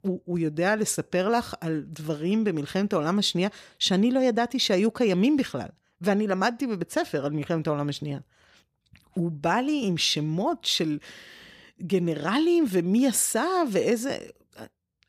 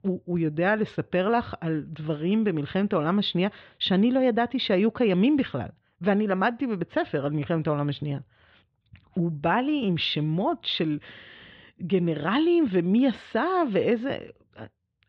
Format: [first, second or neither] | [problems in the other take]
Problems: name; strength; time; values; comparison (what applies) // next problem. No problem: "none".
first | muffled; very; fading above 3.5 kHz